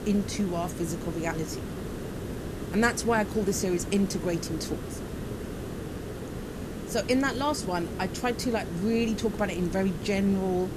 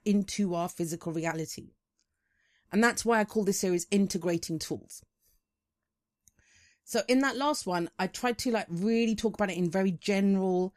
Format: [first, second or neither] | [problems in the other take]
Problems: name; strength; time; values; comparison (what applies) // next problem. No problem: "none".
second | hiss; loud; throughout; 8 dB below the speech